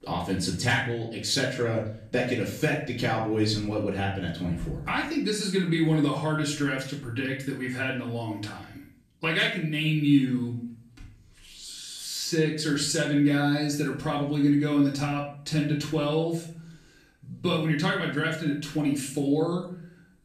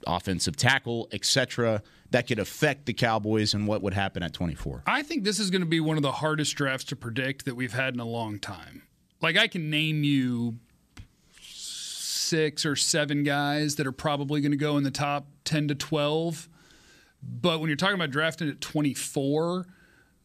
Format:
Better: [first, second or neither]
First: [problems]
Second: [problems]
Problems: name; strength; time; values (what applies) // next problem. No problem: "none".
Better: second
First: off-mic speech; far // room echo; noticeable; dies away in 0.5 s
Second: none